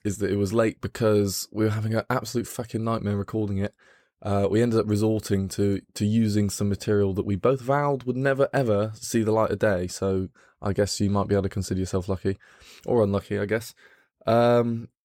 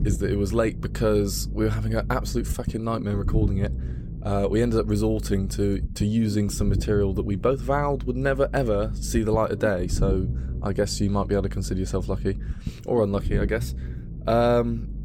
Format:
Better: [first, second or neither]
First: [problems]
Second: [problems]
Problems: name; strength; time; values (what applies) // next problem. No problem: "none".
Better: first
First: none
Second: low rumble; noticeable; throughout; 15 dB below the speech